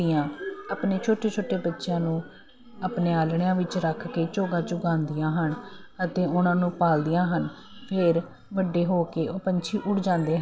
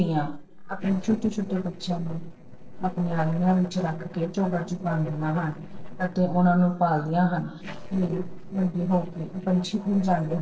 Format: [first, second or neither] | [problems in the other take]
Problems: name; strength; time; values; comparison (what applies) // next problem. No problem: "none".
first | noise reduction (neural separator model SepFormer DNS4)